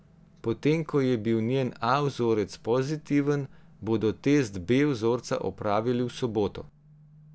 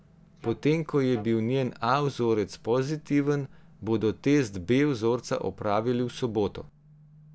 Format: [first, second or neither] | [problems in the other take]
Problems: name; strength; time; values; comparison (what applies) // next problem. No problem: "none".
first | background sound (Wind instrument, woodwind instrument); 20 dB below the speech